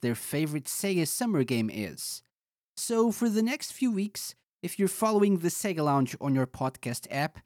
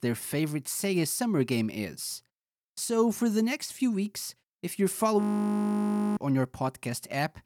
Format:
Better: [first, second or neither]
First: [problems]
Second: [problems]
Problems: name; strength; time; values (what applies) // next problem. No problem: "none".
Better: first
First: none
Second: audio freezing; at 5 s for 1 s